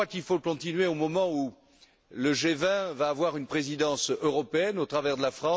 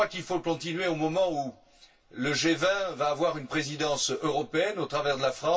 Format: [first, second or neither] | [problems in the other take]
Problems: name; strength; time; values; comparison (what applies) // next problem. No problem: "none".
first | room echo; dies away in 0.2 s